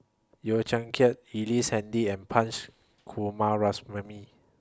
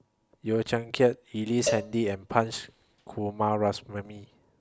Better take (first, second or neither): first